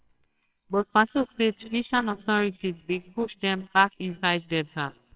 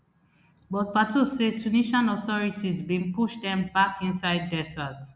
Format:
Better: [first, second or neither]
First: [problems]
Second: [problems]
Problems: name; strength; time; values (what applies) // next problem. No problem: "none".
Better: second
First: noise reduction (neural separator model SepFormer WHAMR!)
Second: none